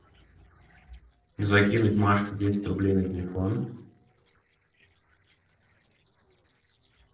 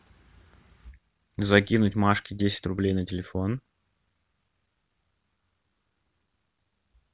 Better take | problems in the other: second | noise reduction (neural separator model SepFormer DNS4)

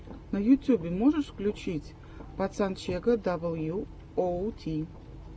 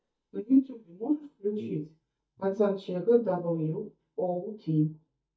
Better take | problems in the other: first | noise reduction (neural mask model DeepFilterNet 3)

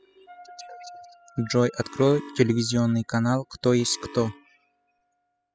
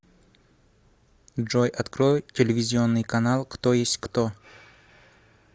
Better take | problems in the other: second | noise reduction (classical method spectral subtraction)

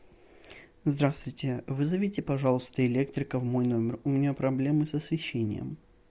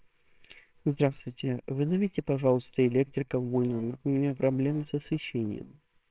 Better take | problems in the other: first | noise reduction (neural separator model SepFormer WHAMR!)

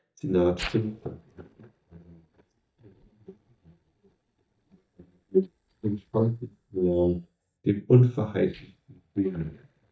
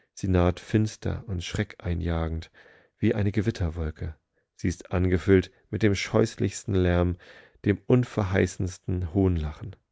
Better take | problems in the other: second | noise reduction (neural mask model DeepFilterNet 3)

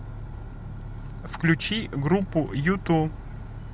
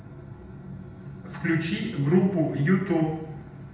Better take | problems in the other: first | room echo; dies away in 0.8 s

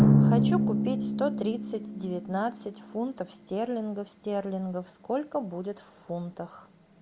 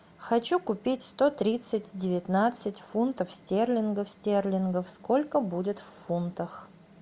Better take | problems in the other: second | background sound (Drum); 4 dB above the speech

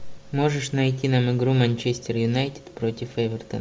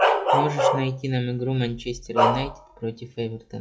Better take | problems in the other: first | noise reduction (classical method log-MMSE)

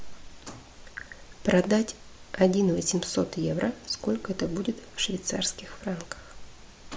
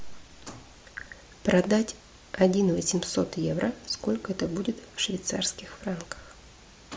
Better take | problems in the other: second | background sound (Boiling); 18 dB below the speech

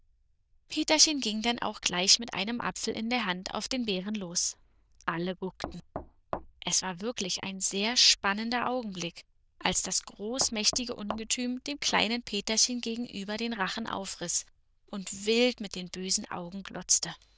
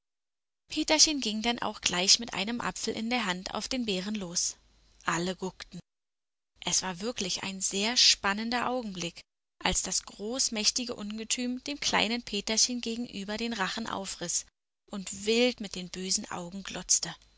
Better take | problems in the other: second | noise reduction (neural diffusion model UNIVERSE++)

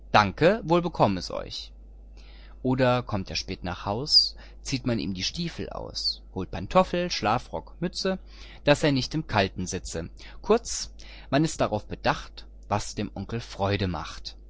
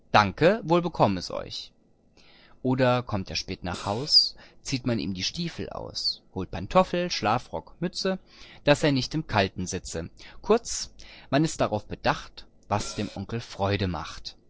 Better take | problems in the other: first | noise reduction (neural separator model SepFormer DNS4)

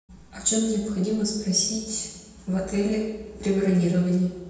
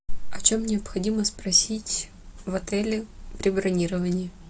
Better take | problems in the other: second | room echo; dies away in 1.1 s

